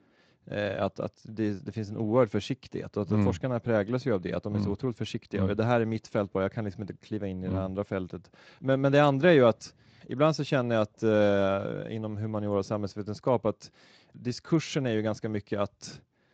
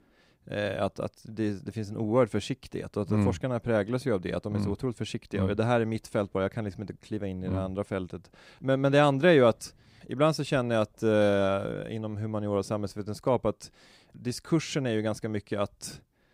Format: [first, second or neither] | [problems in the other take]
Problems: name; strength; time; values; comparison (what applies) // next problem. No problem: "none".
second | garbled, watery; slightly; nothing above 7.5 kHz